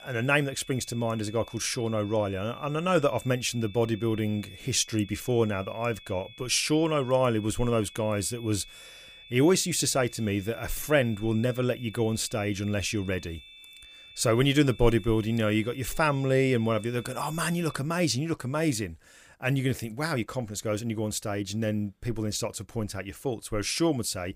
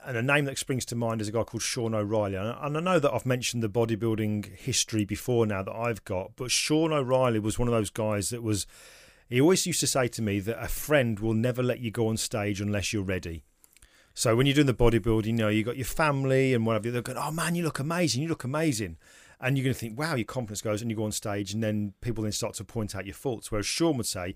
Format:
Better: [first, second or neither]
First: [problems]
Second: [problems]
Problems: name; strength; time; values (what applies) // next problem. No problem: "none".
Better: second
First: high-pitched whine; noticeable; until 18 s; 3.5 kHz, 20 dB below the speech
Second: none